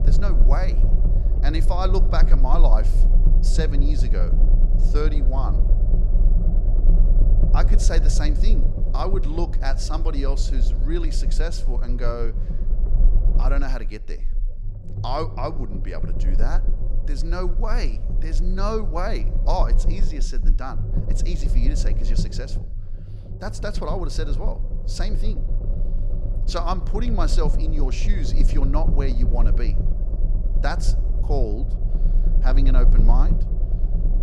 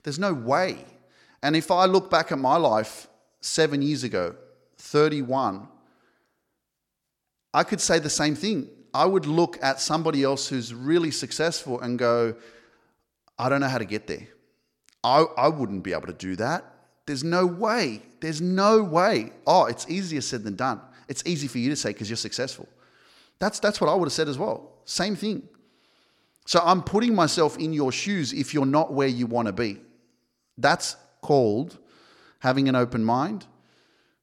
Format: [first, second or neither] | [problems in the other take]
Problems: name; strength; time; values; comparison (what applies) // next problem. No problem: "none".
second | low rumble; loud; throughout; 9 dB below the speech